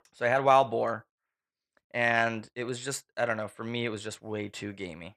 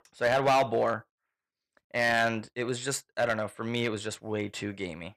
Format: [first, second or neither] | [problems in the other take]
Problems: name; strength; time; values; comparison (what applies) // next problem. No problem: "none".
first | distortion; heavy; 3% of the sound clipped